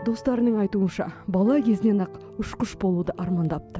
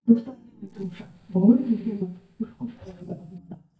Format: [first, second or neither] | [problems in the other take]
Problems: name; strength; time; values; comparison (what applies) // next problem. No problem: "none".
first | noise reduction (neural mask model DeepFilterNet 3)